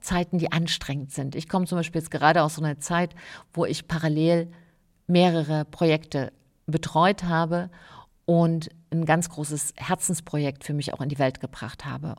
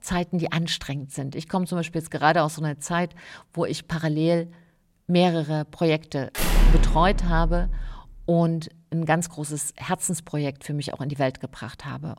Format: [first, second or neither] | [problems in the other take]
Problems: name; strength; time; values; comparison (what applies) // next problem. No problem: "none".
first | door banging; loud; from 6.5 to 8 s; peak 4 dB above the speech